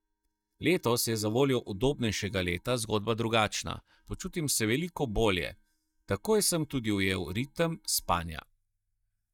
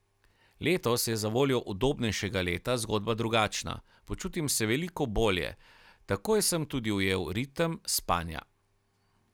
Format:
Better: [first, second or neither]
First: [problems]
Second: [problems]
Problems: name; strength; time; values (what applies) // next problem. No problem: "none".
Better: second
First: noise reduction (neural mask model DeepFilterNet 3)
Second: none